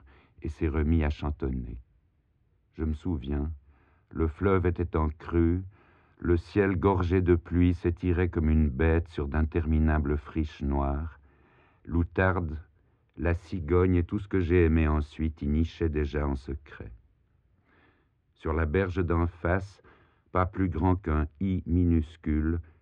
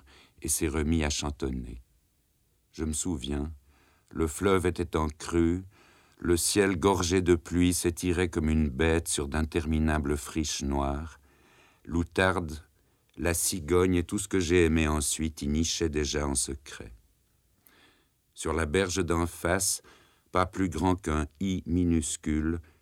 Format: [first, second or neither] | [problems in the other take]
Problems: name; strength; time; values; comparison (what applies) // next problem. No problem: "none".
second | muffled; very; fading above 2 kHz